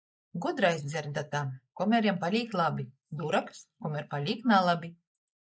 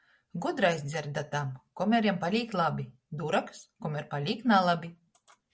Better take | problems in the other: second | noise reduction (neural mask model Resemble Enhance denoiser)

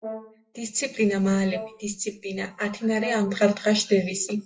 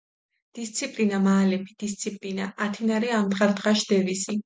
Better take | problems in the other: second | noise reduction (classical method WPE with log-MMSE)

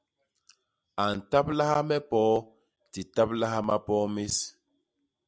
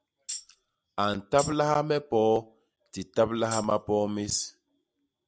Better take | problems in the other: first | background sound (Tambourine); 11 dB below the speech

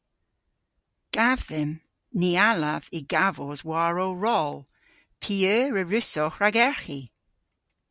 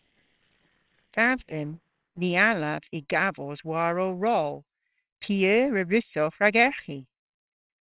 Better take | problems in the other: first | noise reduction (neural separator model SepFormer WHAMR!)

